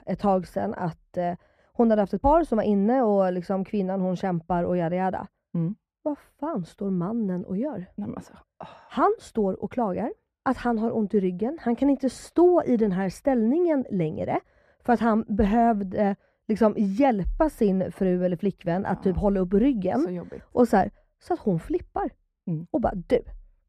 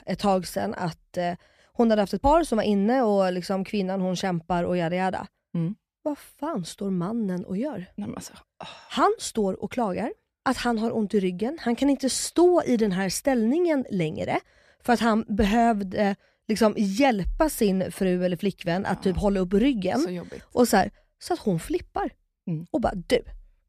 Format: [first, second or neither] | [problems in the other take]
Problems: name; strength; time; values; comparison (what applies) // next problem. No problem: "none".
second | muffled; very; fading above 2 kHz